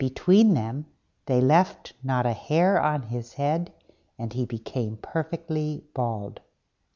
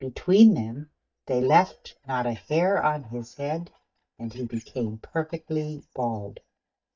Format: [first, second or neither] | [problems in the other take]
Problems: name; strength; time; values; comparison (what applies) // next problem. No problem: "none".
first | noise reduction (neural mask model DeepFilterNet 3)